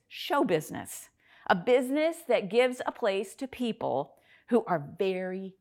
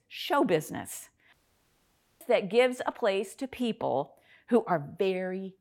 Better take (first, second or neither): first